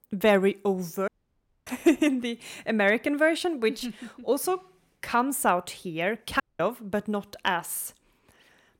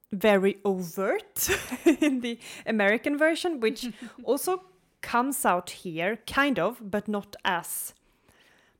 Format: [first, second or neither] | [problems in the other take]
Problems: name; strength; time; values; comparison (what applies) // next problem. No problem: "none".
second | audio cutting out; at 1 s for 0.5 s and at 6.5 s